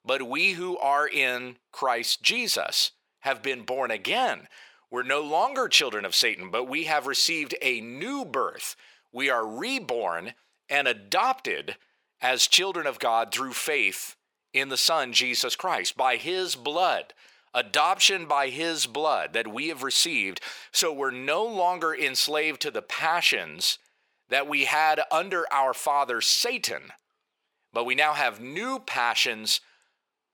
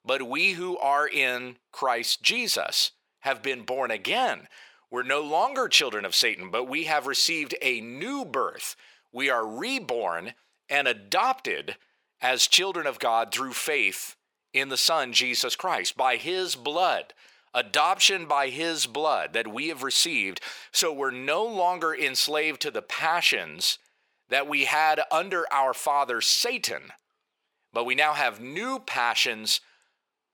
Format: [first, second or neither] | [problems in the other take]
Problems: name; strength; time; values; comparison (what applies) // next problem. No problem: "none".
neither | thin; very; fading below 550 Hz; the same in both